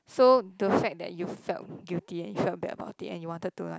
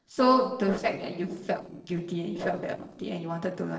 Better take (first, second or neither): first